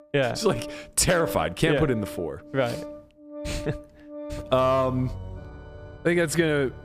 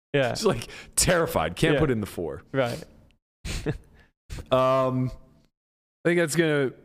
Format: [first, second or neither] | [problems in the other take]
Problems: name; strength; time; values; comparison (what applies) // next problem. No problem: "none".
second | background music; noticeable; throughout; 15 dB below the speech